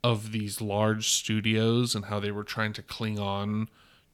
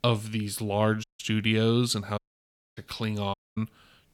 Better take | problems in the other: first | audio cutting out; at 1 s, at 2 s for 0.5 s and at 3.5 s

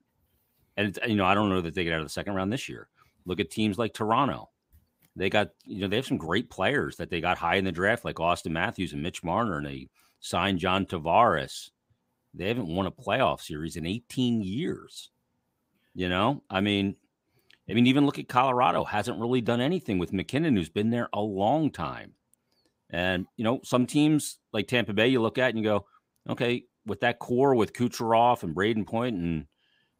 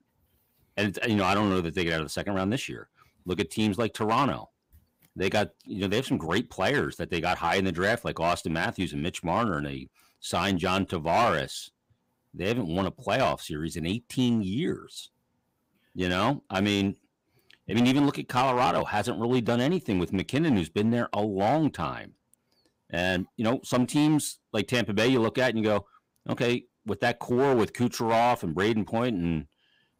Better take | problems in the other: first | distortion; slight; 6% of the sound clipped

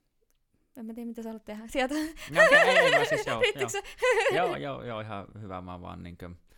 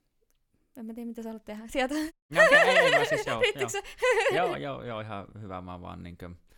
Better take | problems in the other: first | audio cutting out; at 2 s

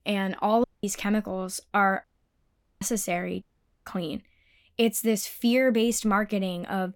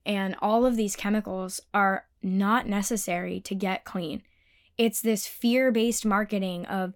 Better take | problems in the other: second | audio cutting out; at 0.5 s, at 2 s for 1 s and at 3.5 s

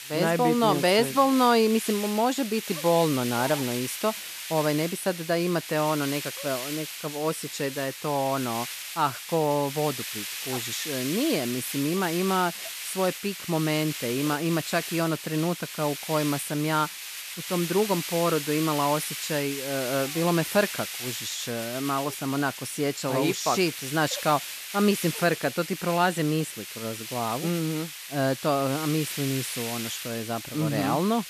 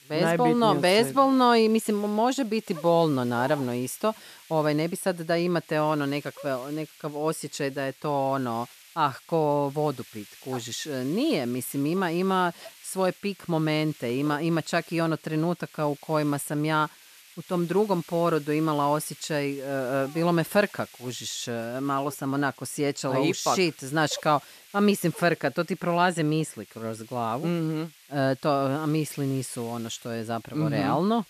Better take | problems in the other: second | hiss; loud; throughout; 7 dB below the speech; faint in the second

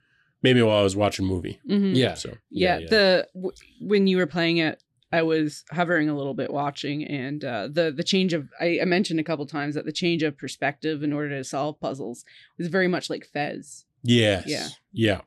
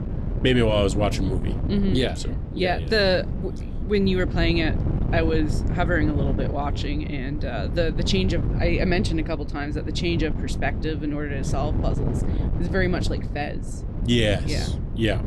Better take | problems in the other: first | wind noise on the microphone; occasional gusts; 10 dB below the speech

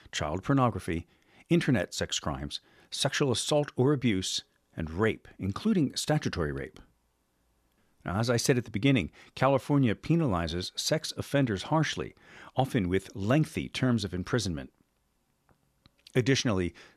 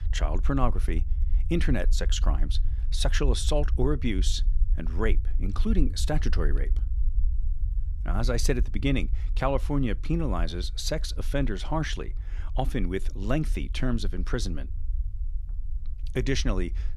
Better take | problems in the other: first | low rumble; faint; throughout; 20 dB below the speech

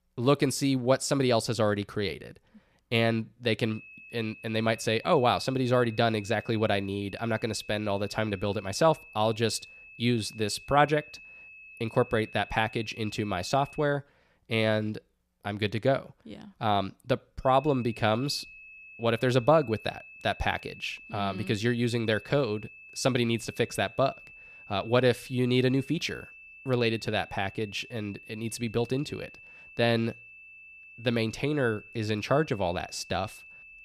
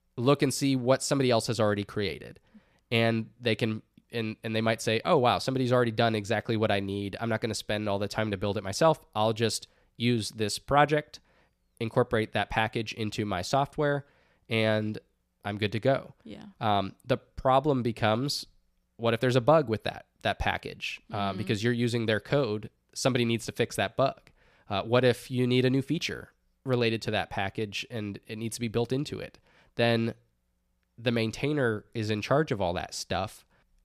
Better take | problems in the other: second | high-pitched whine; noticeable; from 3.5 to 14 s and from 17 s on; 2.5 kHz, 20 dB below the speech

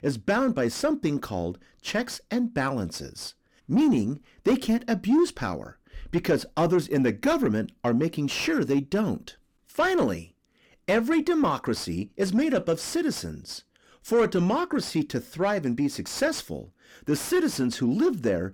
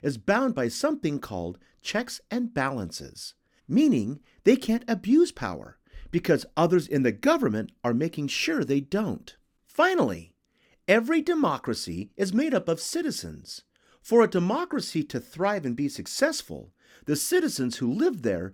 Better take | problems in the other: second | distortion; slight; 10 dB below the speech

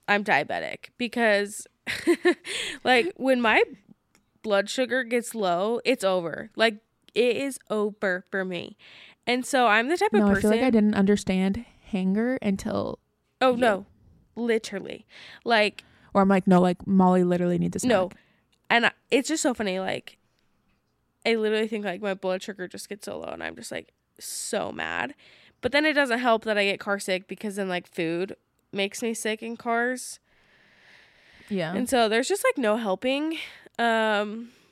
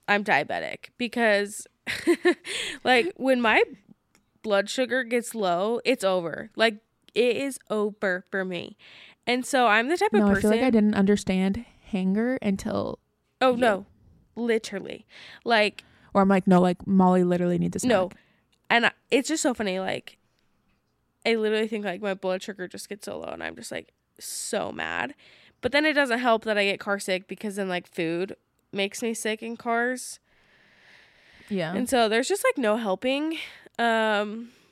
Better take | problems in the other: neither | none

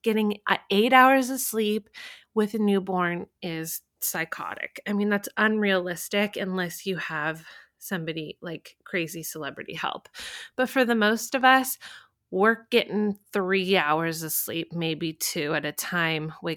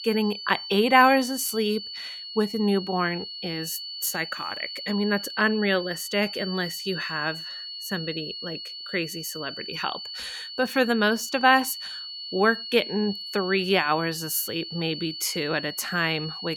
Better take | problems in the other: first | high-pitched whine; loud; throughout; 4.5 kHz, 9 dB below the speech

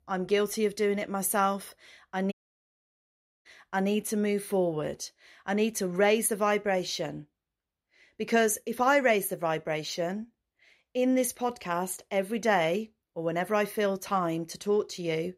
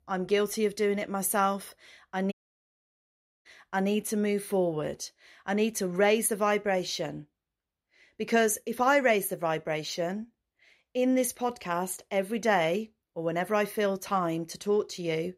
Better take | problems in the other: neither | audio cutting out; at 2.5 s for 1 s; the same in both

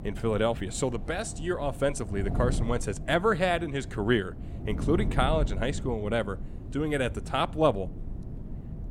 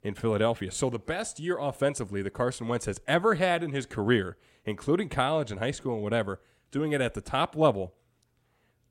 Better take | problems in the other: second | wind noise on the microphone; occasional gusts; 15 dB below the speech

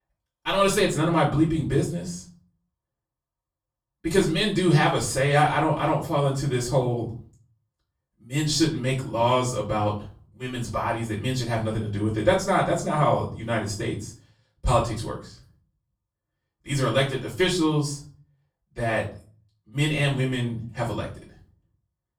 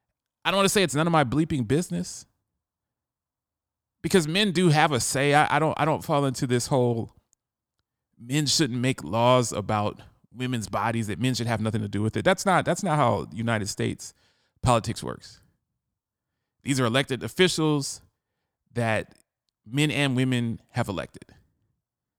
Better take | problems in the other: second | off-mic speech; far // room echo; slight; dies away in 0.4 s

